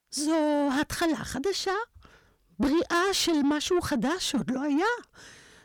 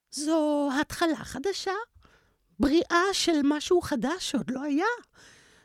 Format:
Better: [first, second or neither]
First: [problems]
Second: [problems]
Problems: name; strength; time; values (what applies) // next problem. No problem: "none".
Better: second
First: distortion; slight; 10 dB below the speech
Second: none